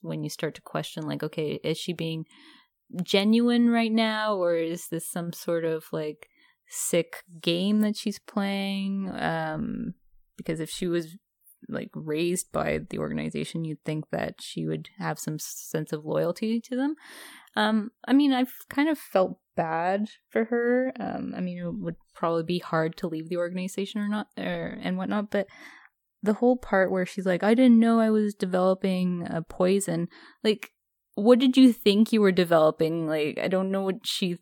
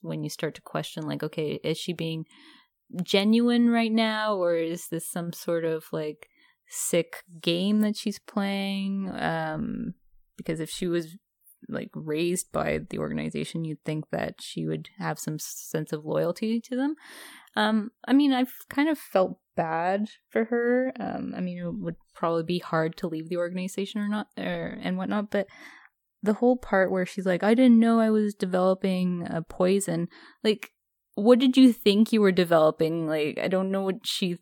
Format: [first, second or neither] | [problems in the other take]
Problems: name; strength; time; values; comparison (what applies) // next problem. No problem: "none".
neither | none